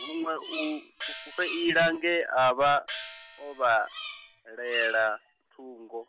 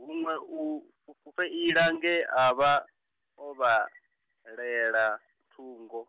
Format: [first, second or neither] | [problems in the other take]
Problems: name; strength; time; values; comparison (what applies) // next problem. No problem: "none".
second | background sound (Gong + Bird vocalization, bird call, bird song); 12 dB below the speech